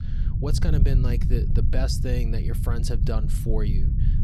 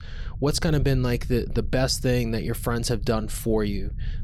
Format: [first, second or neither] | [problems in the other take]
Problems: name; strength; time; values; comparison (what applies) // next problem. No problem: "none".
second | low rumble; loud; throughout; 5 dB below the speech; faint in the second